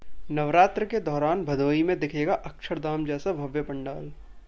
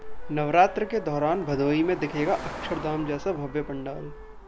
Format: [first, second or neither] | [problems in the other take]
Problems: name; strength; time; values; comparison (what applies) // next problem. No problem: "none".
first | background sound (Wind instrument, woodwind instrument + Car passing by); 14 dB below the speech